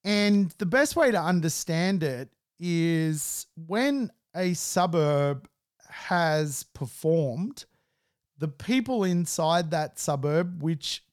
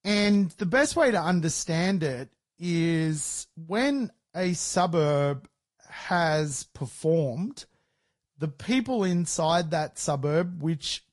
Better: first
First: none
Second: garbled, watery; slightly; nothing above 11 kHz

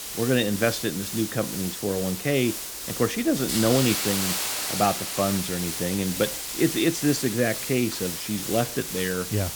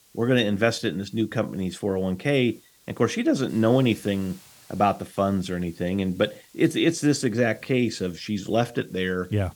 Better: second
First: hiss; loud; throughout; 3 dB below the speech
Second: hiss; faint; throughout; 30 dB below the speech

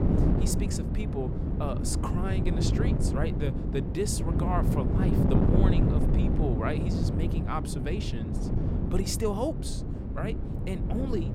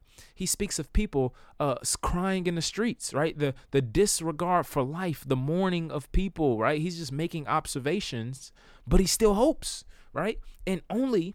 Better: second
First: wind noise on the microphone; heavy; 1 dB below the speech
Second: none

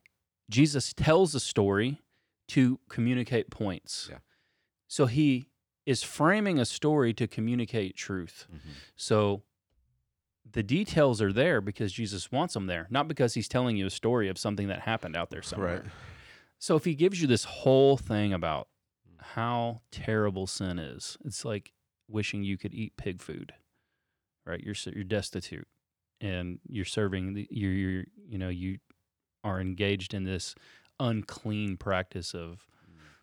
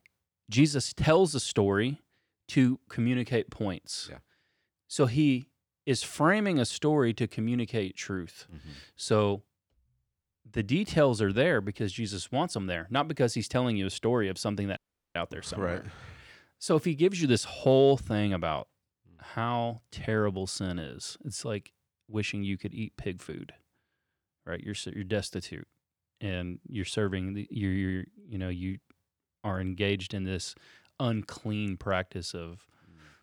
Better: first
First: none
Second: audio cutting out; at 15 s

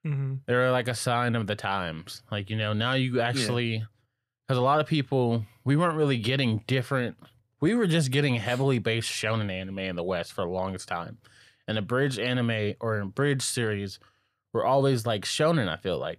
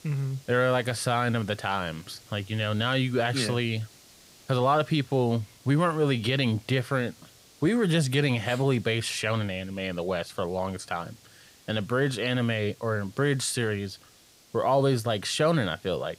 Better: first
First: none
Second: hiss; faint; throughout; 25 dB below the speech

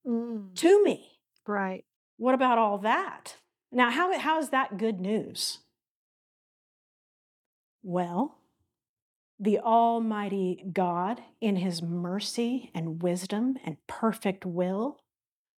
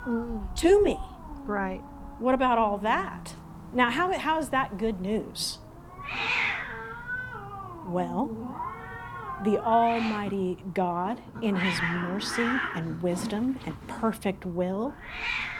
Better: first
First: none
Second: hiss; loud; throughout; 6 dB below the speech

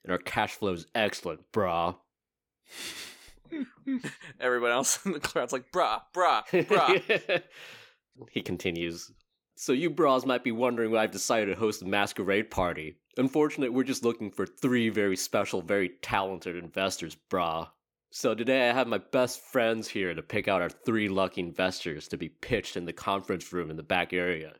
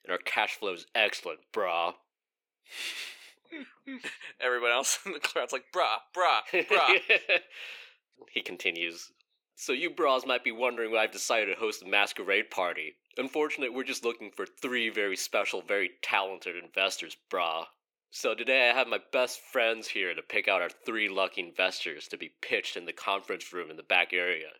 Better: first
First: none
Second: thin; somewhat; fading below 500 Hz

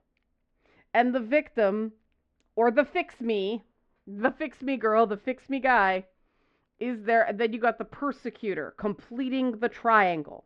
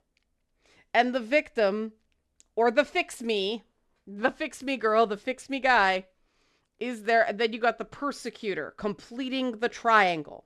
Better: second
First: muffled; slightly; fading above 2 kHz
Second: none

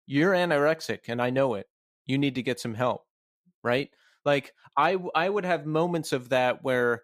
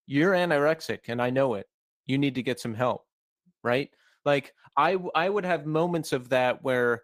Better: first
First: none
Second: garbled, watery; slightly; nothing above 15 kHz

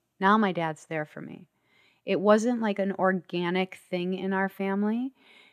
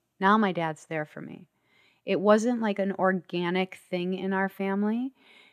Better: neither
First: none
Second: none

